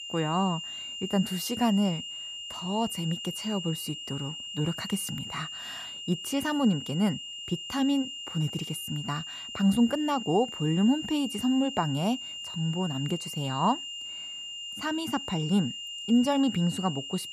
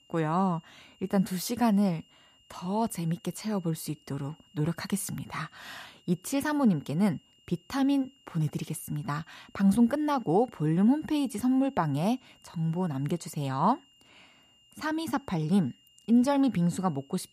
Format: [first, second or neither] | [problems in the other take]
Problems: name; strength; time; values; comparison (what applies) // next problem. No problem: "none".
second | high-pitched whine; loud; throughout; 3 kHz, 7 dB below the speech; faint in the second